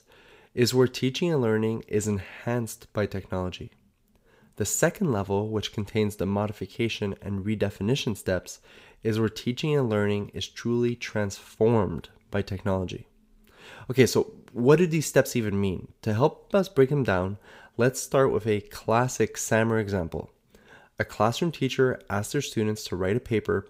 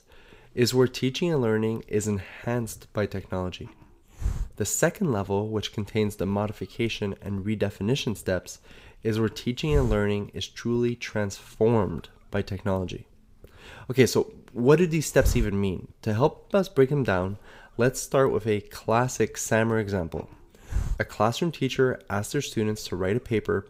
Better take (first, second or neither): first